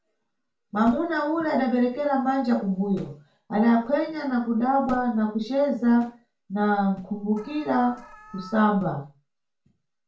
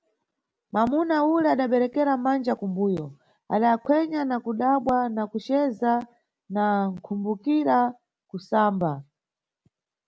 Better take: second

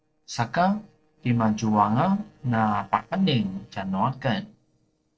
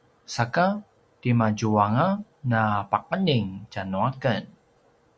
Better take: second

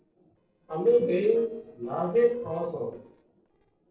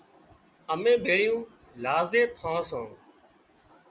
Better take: second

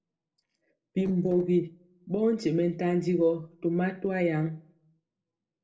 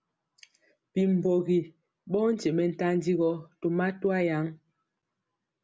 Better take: second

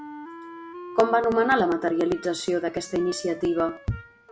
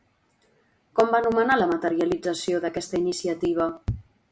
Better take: second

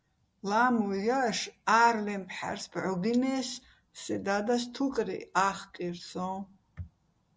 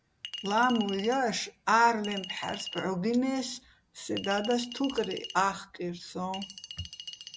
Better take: first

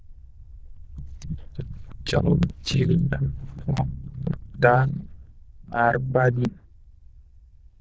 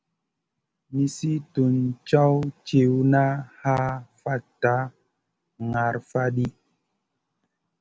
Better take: second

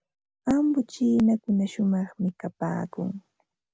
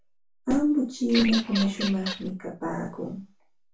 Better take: first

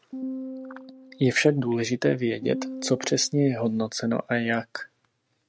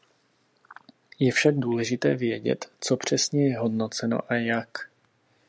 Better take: second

